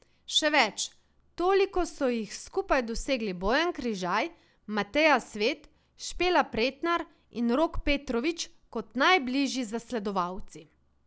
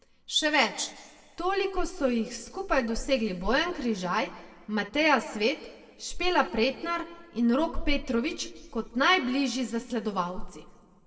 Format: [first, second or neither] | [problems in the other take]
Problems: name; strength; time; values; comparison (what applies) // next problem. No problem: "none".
first | room echo; dies away in 1.1 s